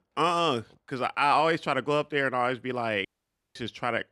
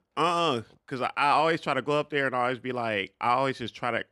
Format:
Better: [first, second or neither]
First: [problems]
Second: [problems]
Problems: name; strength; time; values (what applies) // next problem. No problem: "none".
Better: second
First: audio cutting out; at 3 s for 0.5 s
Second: none